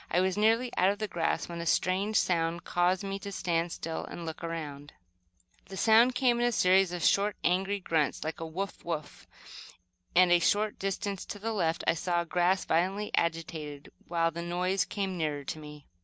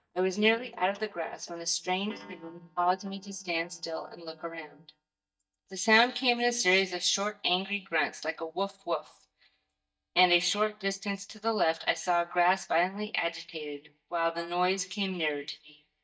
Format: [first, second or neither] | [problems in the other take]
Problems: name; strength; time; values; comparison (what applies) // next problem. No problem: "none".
first | noise reduction (neural mask model DeepFilterNet 3)